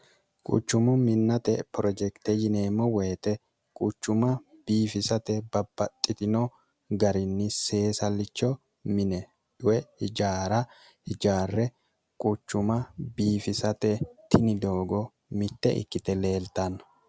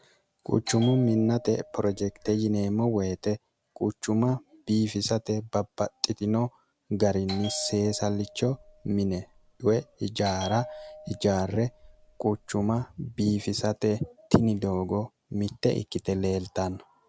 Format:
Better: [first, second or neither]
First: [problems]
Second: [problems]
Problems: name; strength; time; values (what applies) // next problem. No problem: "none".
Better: first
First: none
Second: background sound (Bell); 17 dB below the speech